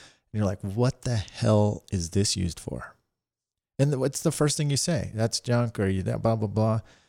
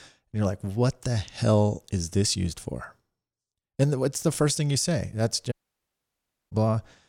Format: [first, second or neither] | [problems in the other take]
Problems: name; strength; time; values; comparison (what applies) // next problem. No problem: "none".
first | audio cutting out; at 5.5 s for 1 s